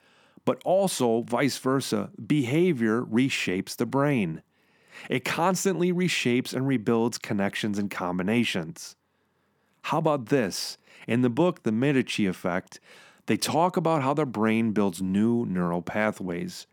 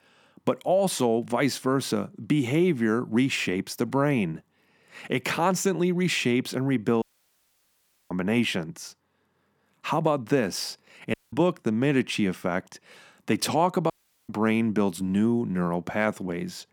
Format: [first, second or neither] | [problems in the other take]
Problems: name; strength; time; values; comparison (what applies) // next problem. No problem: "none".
first | audio cutting out; at 7 s for 1 s, at 11 s and at 14 s